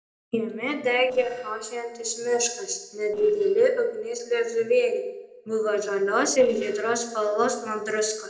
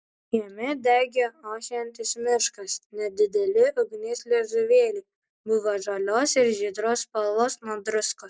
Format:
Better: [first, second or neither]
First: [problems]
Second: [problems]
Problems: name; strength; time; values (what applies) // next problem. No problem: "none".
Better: second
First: noise reduction (neural separator model SepFormer DNS4)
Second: none